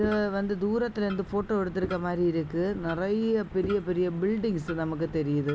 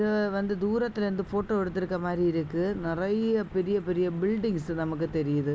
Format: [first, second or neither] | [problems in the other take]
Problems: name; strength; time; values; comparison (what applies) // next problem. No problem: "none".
second | background sound (Clock + Bowed string instrument); 16 dB below the speech